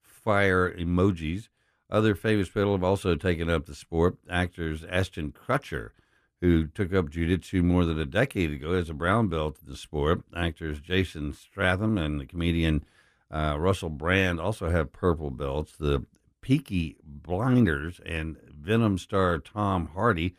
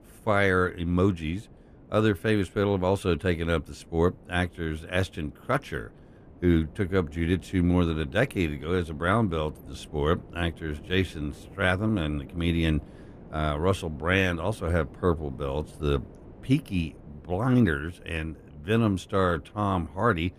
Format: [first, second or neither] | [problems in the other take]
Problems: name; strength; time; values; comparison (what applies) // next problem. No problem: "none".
first | wind noise on the microphone; occasional gusts; 25 dB below the speech